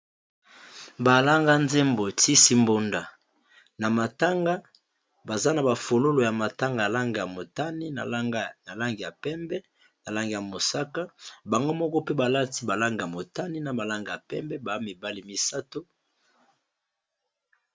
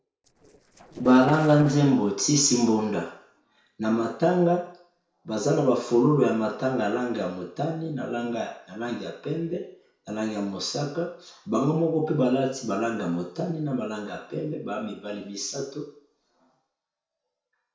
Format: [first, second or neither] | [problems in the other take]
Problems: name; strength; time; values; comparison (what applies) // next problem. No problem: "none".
first | noise reduction (neural separator model SepFormer DNS4)